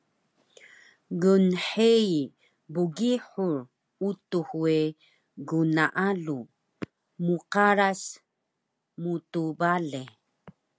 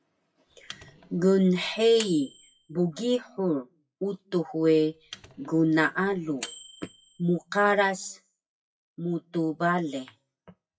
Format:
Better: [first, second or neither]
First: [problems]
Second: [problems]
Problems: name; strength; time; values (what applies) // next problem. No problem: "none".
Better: first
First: none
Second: noise reduction (classical method WPE with log-MMSE)